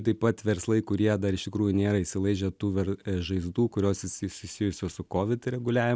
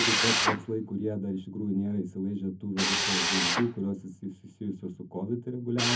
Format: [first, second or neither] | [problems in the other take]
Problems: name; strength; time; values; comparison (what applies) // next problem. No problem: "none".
first | background sound (Drill); as loud as the speech // room echo; dies away in 0.3 s